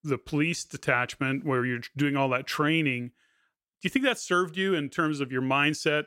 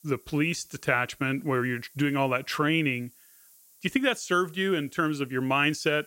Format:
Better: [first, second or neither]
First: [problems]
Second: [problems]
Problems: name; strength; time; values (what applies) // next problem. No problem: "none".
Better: first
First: none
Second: hiss; faint; throughout; 25 dB below the speech